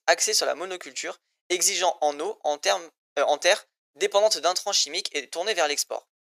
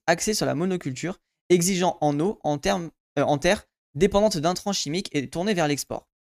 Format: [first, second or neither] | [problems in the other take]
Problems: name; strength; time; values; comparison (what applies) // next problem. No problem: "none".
second | thin; very; fading below 500 Hz